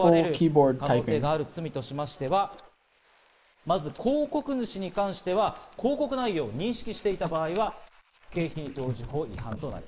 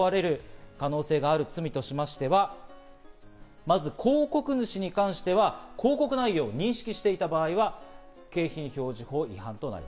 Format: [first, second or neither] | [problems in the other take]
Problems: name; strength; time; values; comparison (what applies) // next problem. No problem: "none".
second | noise reduction (neural mask model Resemble Enhance denoiser)